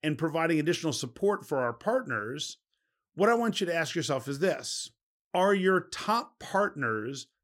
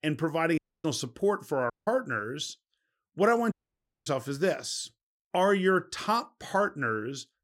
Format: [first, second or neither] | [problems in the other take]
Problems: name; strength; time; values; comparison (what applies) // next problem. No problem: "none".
first | audio cutting out; at 0.5 s, at 1.5 s and at 3.5 s for 0.5 s